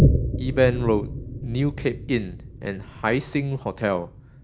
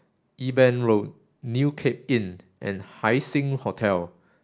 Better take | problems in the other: second | background sound (Boom); 1 dB below the speech

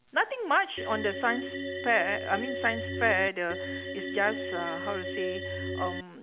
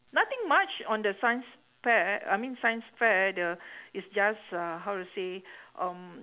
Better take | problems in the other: second | background sound (Organ); 4 dB below the speech

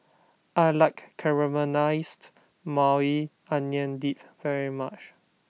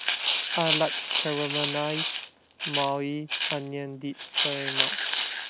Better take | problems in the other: first | background sound (Rattle (instrument)); 2 dB above the speech

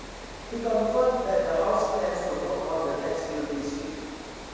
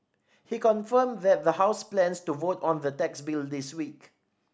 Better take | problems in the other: second | background sound (Water); 12 dB below the speech // room echo; dies away in 1.9 s

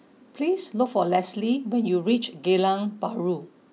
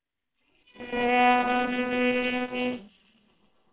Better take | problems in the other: first | noise reduction (neural separator model SepFormer WHAMR!)

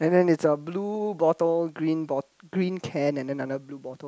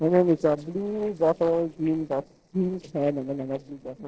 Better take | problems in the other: first | noise reduction (neural separator model SepFormer DNS4)

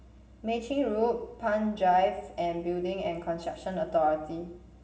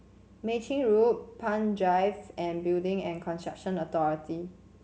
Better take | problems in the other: second | room echo; dies away in 0.8 s

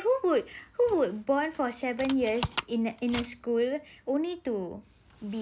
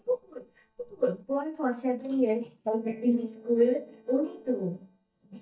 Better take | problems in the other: first | noise reduction (neural mask model DeepFilterNet 3)

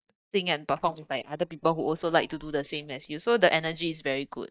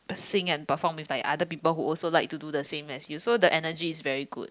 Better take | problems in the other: second | noise reduction (neural mask model DeepFilterNet 3)

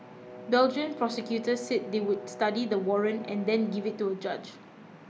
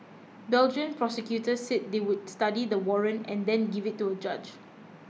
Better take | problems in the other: second | background sound (Brass instrument); 16 dB below the speech

